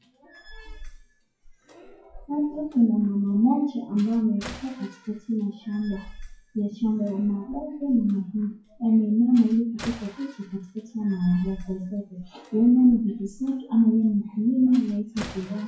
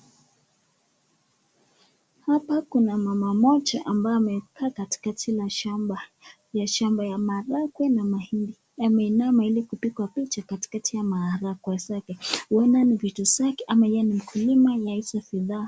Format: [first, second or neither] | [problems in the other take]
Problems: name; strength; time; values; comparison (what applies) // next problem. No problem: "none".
second | noise reduction (classical method WPE with log-MMSE)